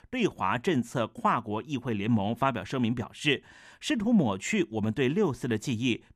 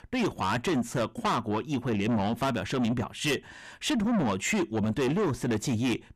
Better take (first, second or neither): first